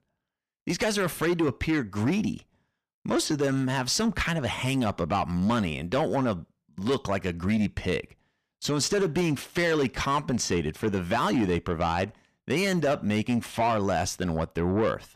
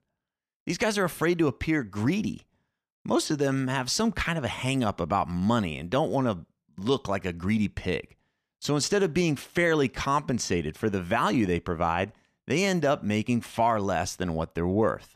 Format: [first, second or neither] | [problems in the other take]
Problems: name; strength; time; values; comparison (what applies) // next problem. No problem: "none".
second | distortion; slight; 10 dB below the speech